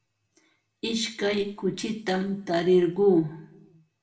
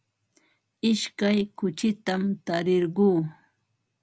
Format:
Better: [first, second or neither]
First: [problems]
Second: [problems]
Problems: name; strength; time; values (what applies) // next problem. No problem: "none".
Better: second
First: room echo; dies away in 0.5 s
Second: none